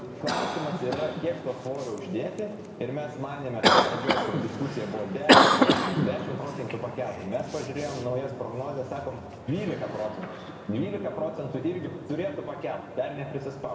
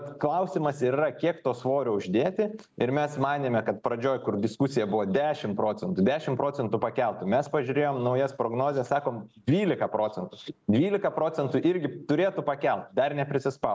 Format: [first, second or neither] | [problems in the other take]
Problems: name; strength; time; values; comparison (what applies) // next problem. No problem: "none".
second | background sound (Cough); 3 dB above the speech // room echo; dies away in 1.8 s